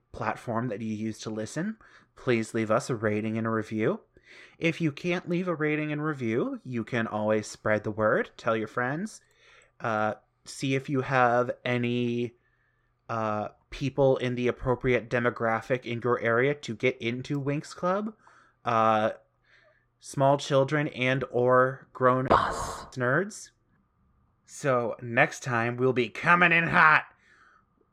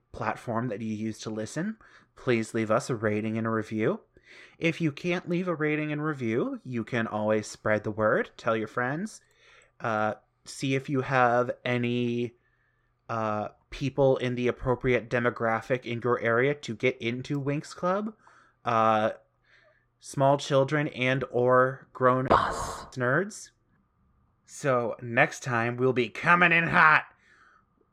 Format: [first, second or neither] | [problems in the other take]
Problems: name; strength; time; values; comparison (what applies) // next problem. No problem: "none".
neither | muffled; slightly; fading above 2.5 kHz; the same in both